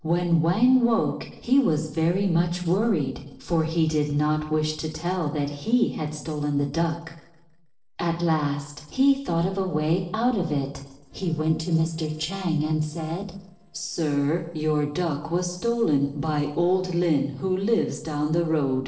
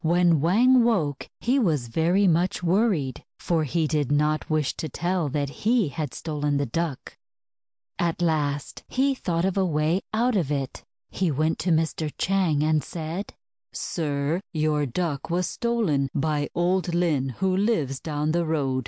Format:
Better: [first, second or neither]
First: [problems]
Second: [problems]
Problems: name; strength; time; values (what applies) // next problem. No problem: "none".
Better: second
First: noise reduction (neural separator model SepFormer DNS4)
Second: none